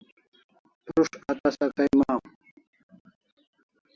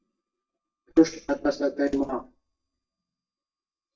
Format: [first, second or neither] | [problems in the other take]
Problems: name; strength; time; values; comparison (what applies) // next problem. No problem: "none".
first | noise reduction (neural mask model DeepFilterNet 3)